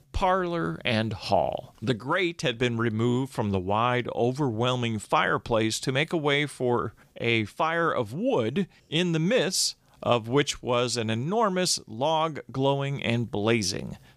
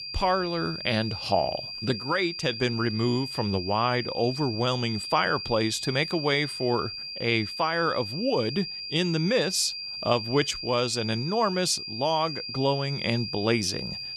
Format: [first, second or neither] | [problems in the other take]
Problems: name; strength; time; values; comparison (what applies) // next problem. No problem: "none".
first | high-pitched whine; loud; throughout; 4.5 kHz, 6 dB below the speech